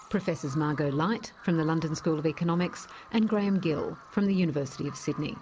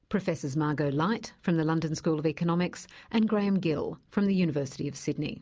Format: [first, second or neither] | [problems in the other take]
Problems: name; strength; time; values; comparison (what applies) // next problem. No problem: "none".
second | background sound (Bird vocalization, bird call, bird song); 19 dB below the speech